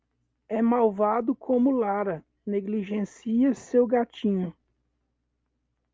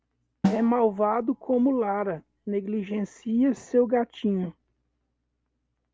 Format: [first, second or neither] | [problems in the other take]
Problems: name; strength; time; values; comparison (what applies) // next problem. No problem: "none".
first | background sound (Snare drum); 9 dB below the speech